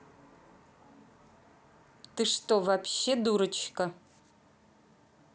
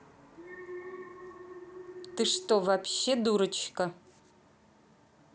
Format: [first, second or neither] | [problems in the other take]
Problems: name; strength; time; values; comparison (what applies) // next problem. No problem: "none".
first | background sound (Alarm); 15 dB below the speech